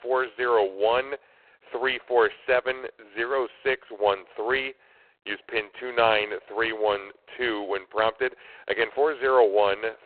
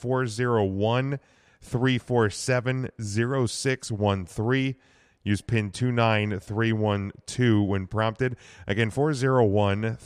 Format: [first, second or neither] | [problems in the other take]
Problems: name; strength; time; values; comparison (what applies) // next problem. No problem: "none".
second | phone-call audio; poor line